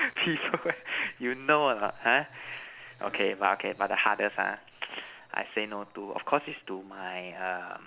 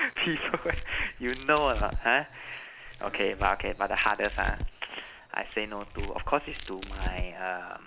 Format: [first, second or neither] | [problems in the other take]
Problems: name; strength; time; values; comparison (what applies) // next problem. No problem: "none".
first | background sound (Tearing); 6 dB below the speech